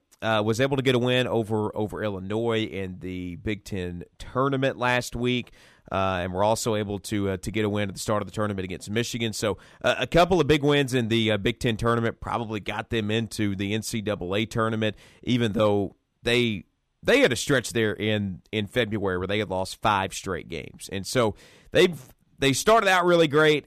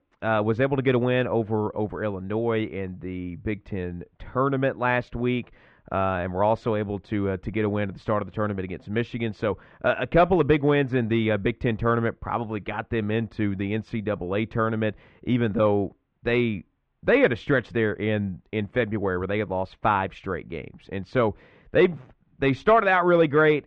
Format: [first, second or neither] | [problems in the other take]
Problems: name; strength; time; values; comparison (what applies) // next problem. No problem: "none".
first | muffled; very; fading above 2.5 kHz